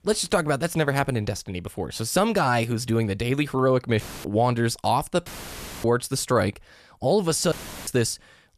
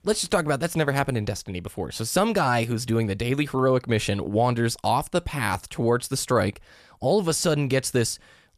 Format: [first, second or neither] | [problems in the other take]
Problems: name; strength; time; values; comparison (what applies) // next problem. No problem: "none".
second | audio cutting out; filled with static; at 4 s, at 5.5 s for 0.5 s and at 7.5 s